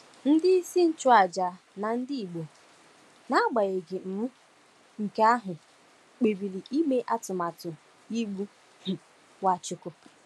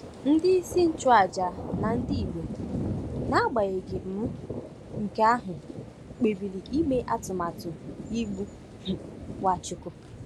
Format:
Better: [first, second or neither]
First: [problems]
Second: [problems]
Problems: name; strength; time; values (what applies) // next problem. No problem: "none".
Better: first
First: none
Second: background sound (Thunder); 8 dB below the speech